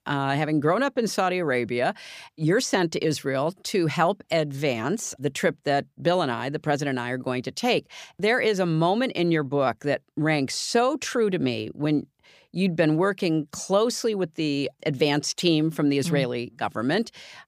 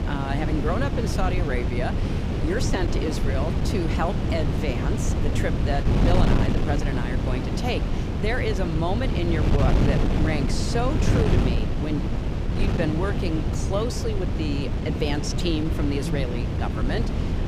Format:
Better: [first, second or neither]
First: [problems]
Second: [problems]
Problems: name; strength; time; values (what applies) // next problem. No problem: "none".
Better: first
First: none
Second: wind noise on the microphone; heavy; 2 dB below the speech